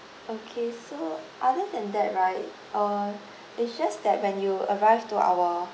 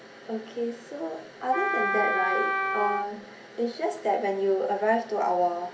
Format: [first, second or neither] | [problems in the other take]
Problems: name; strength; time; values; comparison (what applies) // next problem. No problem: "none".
first | background sound (Wind instrument, woodwind instrument); as loud as the speech // room echo; dies away in 0.3 s